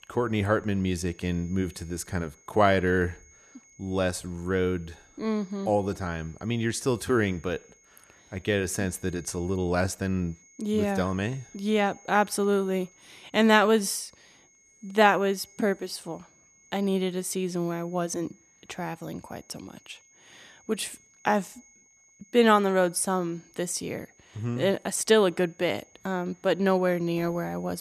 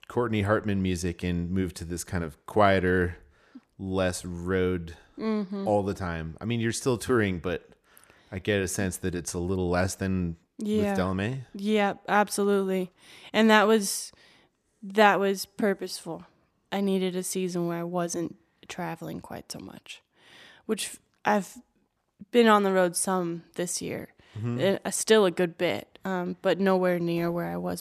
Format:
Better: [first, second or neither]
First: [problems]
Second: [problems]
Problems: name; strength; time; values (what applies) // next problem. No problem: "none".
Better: second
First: high-pitched whine; faint; throughout; 6.5 kHz, 30 dB below the speech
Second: none